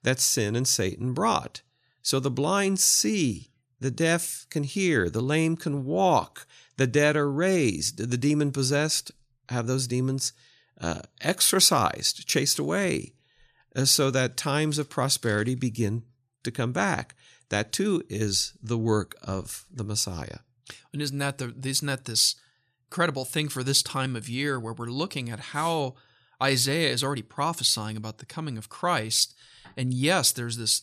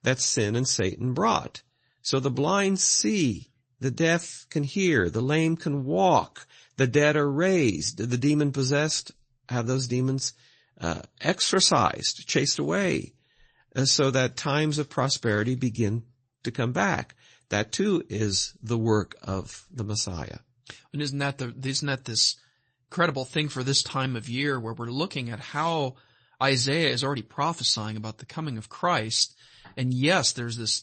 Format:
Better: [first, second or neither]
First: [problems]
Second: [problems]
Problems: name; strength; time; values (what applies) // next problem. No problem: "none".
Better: first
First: none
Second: garbled, watery; slightly; nothing above 8 kHz